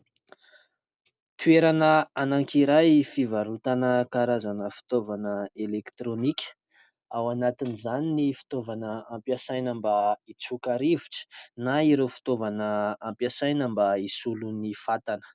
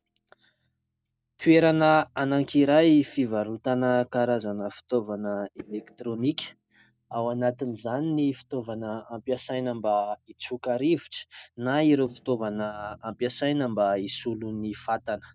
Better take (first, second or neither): first